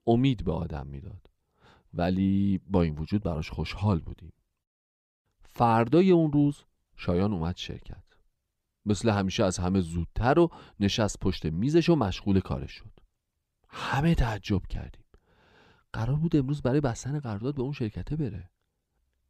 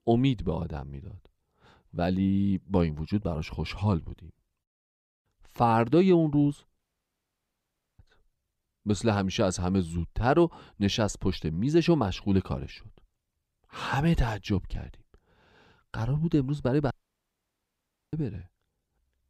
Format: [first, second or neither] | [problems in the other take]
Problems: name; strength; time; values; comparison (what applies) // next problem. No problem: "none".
first | audio cutting out; at 7 s for 1 s and at 17 s for 1 s